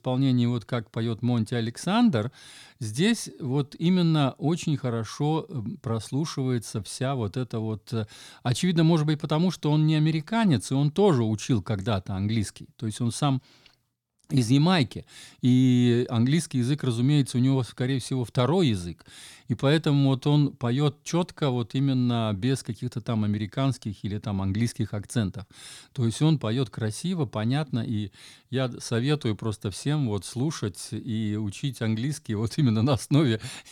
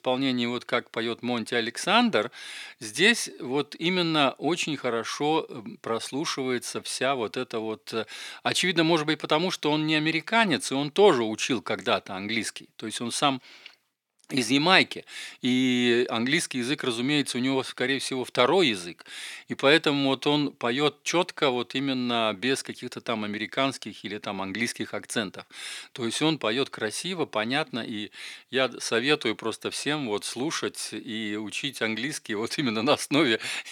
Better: first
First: none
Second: thin; somewhat; fading below 400 Hz

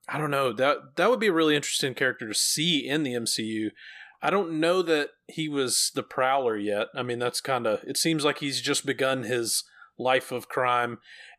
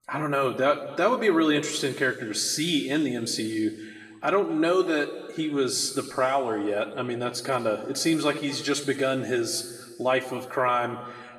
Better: first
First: none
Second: room echo; slight; dies away in 1.4 s // off-mic speech; somewhat distant

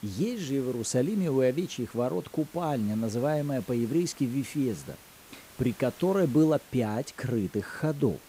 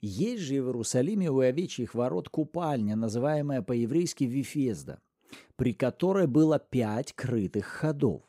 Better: second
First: hiss; faint; throughout; 20 dB below the speech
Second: none

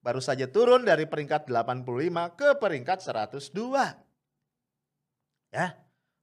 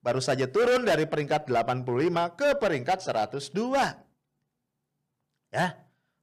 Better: first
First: none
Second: distortion; heavy; 9% of the sound clipped

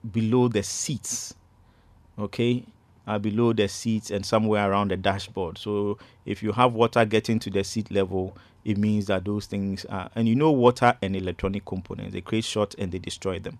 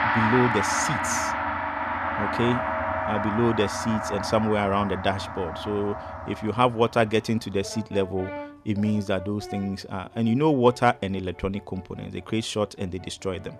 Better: first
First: none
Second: background music; loud; throughout; 3 dB below the speech

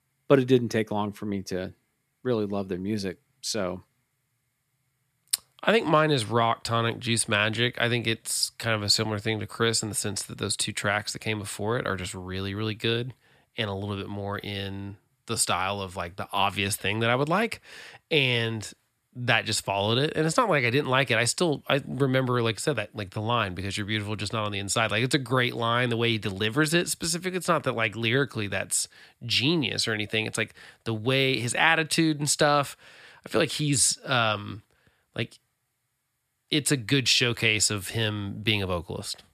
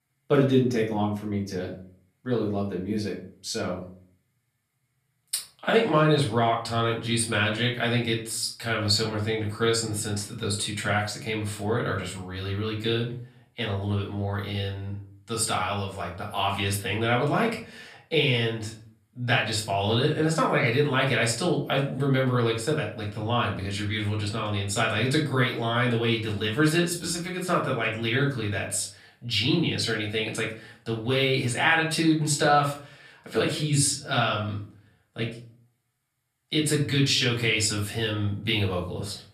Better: first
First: none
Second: off-mic speech; far // room echo; slight; dies away in 0.4 s

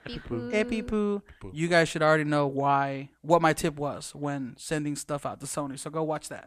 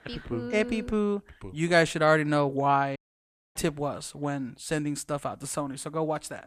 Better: first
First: none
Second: audio cutting out; at 3 s for 0.5 s

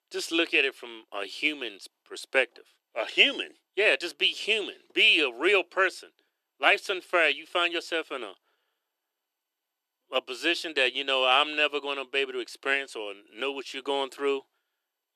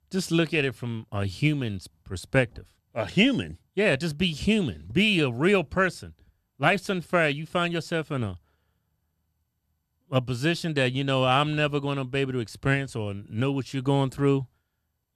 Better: second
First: thin; very; fading below 350 Hz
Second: none

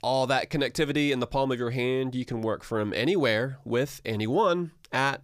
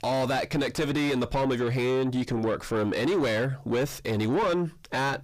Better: first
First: none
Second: distortion; heavy; 7 dB below the speech

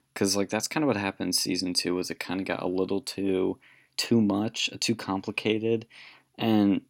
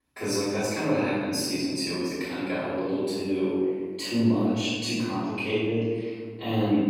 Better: first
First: none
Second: off-mic speech; far // room echo; strong; dies away in 1.7 s

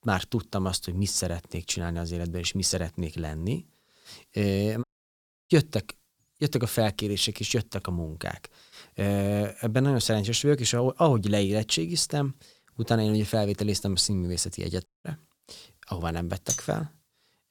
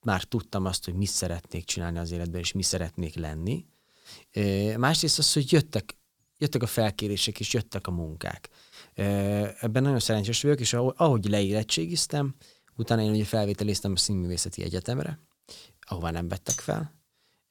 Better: second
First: audio cutting out; at 5 s for 0.5 s and at 15 s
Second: none

